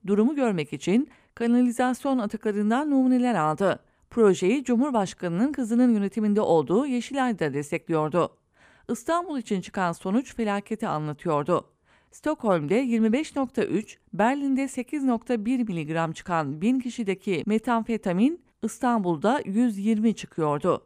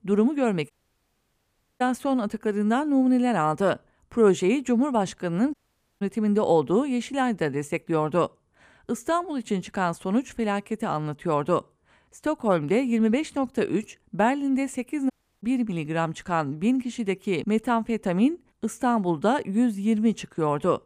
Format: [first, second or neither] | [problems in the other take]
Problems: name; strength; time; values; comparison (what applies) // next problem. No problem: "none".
first | audio cutting out; at 0.5 s for 1 s, at 5.5 s and at 15 s